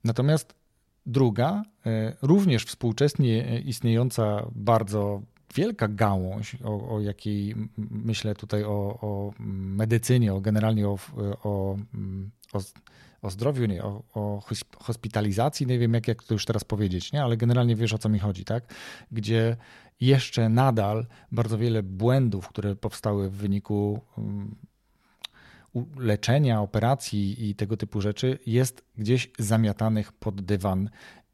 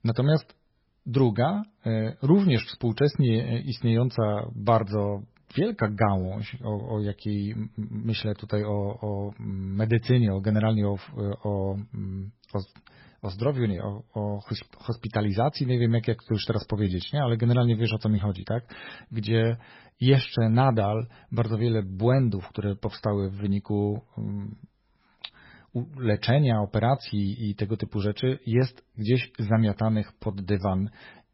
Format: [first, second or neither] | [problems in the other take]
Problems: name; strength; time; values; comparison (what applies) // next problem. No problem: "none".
first | garbled, watery; badly; nothing above 5.5 kHz